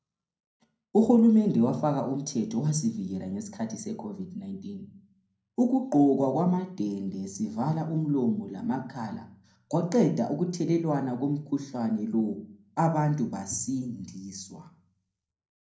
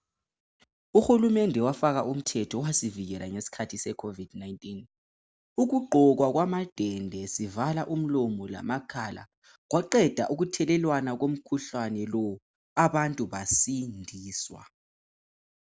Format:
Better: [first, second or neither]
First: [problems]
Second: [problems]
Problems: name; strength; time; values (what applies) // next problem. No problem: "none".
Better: second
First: room echo; dies away in 0.6 s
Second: none